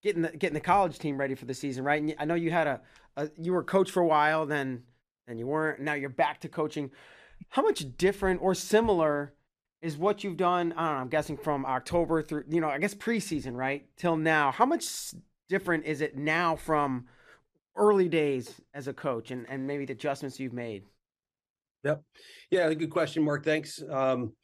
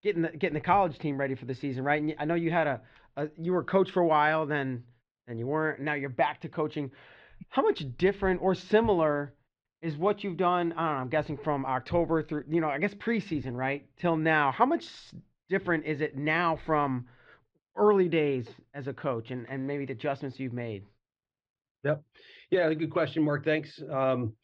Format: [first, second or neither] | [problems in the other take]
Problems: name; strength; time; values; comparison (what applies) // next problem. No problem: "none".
first | muffled; slightly; fading above 4 kHz